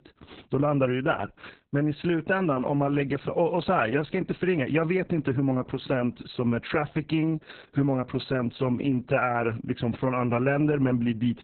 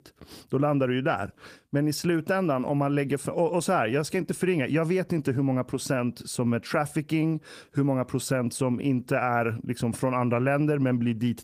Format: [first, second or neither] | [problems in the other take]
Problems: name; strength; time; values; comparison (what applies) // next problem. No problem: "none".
second | garbled, watery; badly; nothing above 4 kHz; slightly in the second